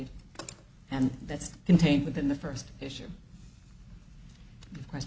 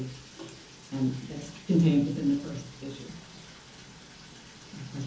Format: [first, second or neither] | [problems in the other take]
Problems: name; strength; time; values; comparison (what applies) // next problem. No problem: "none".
first | background sound (Bathtub (filling or washing)); 19 dB below the speech // room echo; dies away in 0.6 s